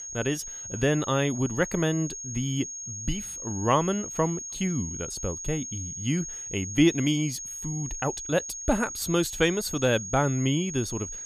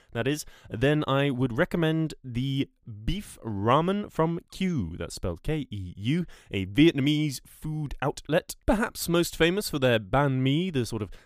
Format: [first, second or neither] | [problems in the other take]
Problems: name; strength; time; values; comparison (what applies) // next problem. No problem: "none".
second | high-pitched whine; loud; throughout; 6.5 kHz, 7 dB below the speech